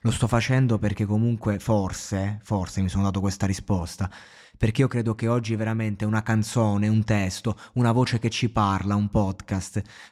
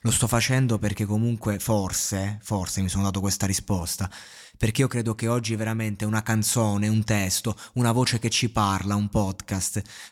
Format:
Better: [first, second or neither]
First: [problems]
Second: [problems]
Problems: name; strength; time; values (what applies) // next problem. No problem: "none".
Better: second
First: muffled; slightly; fading above 2 kHz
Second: none